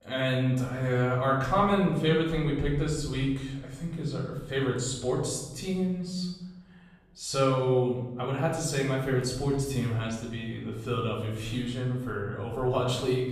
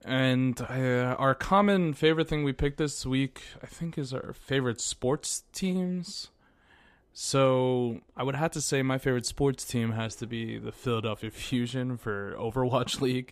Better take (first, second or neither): second